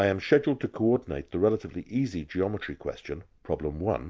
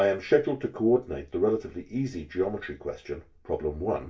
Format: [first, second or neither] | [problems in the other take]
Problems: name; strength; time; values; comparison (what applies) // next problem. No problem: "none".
first | room echo; dies away in 0.2 s